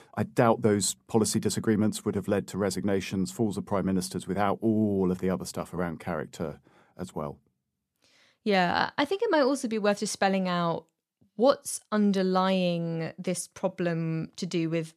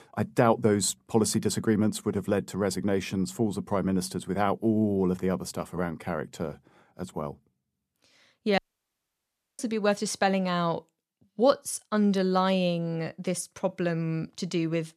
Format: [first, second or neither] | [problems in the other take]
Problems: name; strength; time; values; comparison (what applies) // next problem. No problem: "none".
first | audio cutting out; at 8.5 s for 1 s